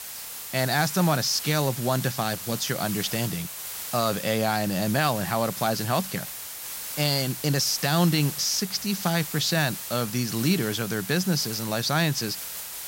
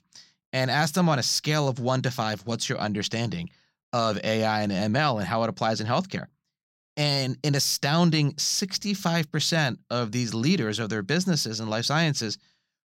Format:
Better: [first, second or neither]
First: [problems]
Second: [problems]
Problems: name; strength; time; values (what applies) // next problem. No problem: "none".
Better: second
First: hiss; loud; throughout; 7 dB below the speech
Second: none